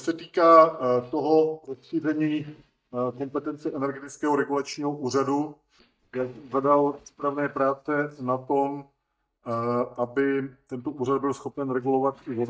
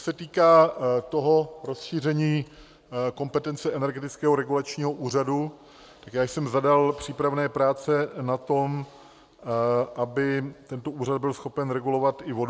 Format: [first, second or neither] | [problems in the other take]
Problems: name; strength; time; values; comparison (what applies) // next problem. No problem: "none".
second | noise reduction (neural mask model DeepFilterNet 3)